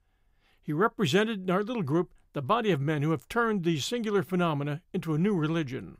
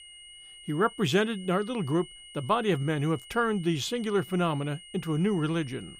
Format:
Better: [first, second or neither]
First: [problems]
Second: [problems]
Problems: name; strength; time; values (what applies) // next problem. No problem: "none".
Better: first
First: none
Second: high-pitched whine; noticeable; throughout; 3 kHz, 15 dB below the speech